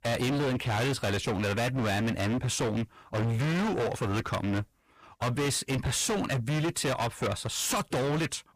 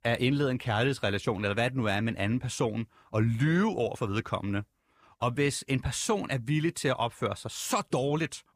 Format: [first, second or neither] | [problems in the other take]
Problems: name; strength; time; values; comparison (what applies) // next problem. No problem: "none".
second | distortion; heavy; 33% of the sound clipped